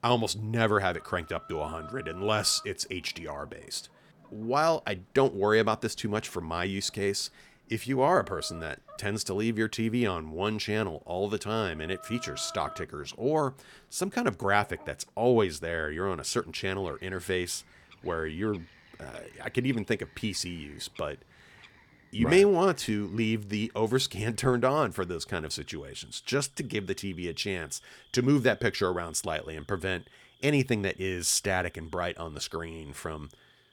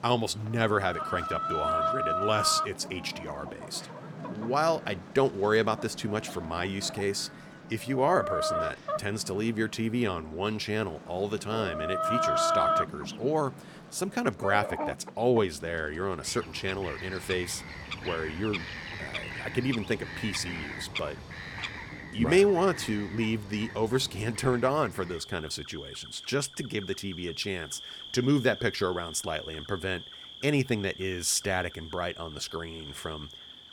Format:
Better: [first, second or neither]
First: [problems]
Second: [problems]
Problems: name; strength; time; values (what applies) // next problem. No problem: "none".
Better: first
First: animal sounds; faint; throughout; 25 dB below the speech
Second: animal sounds; loud; throughout; 6 dB below the speech